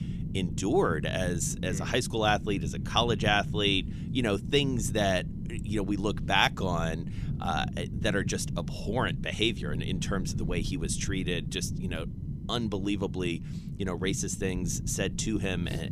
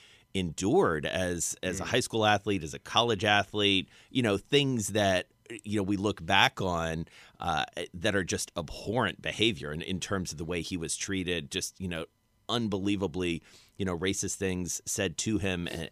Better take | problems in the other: second | low rumble; noticeable; throughout; 15 dB below the speech

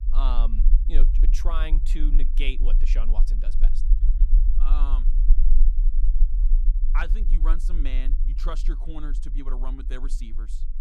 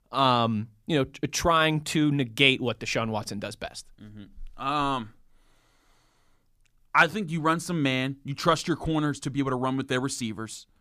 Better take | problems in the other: second | low rumble; noticeable; throughout; 10 dB below the speech

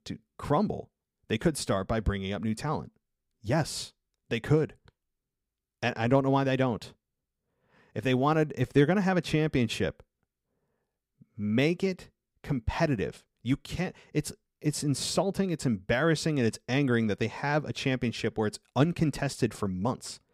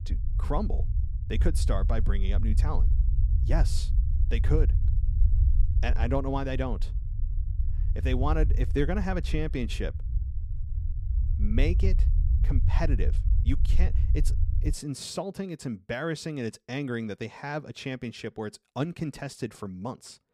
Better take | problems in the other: first | low rumble; noticeable; until 15 s; 10 dB below the speech

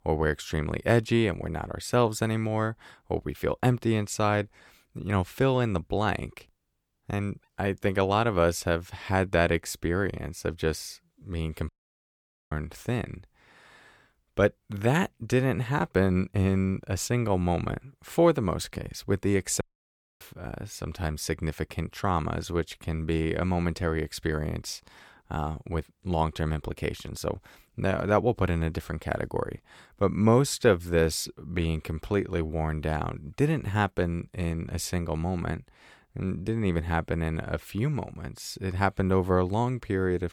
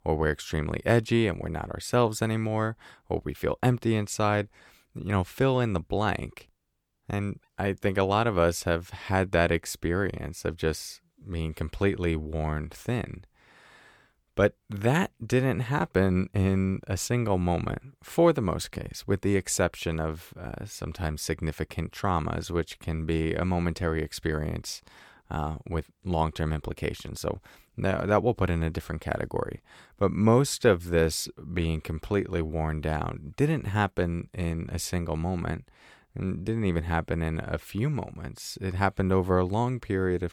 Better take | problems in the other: second | audio cutting out; at 12 s for 1 s and at 20 s for 0.5 s

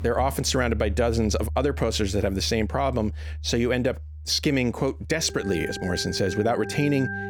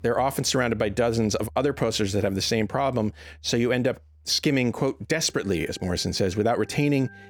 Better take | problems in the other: second | background music; loud; throughout; 9 dB below the speech; faint in the second

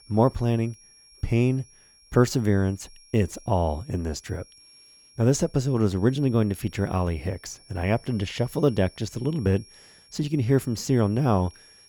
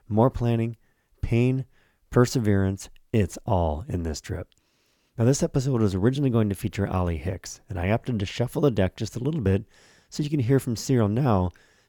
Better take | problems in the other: second | high-pitched whine; faint; throughout; 5.5 kHz, 25 dB below the speech

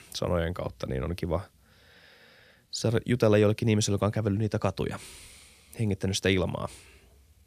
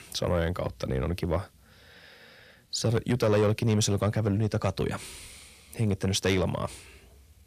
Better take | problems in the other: first | distortion; slight; 10 dB below the speech

